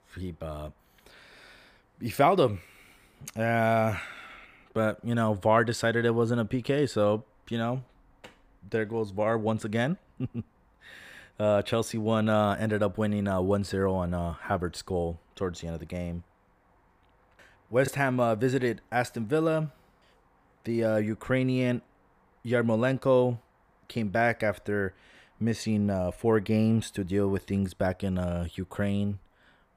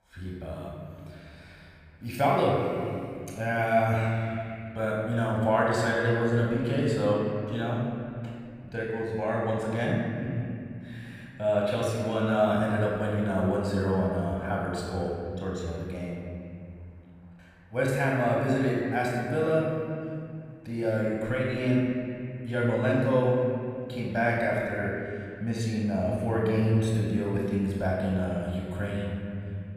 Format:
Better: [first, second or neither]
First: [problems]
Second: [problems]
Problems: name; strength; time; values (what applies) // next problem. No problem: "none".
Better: first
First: none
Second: off-mic speech; far // room echo; noticeable; dies away in 2.5 s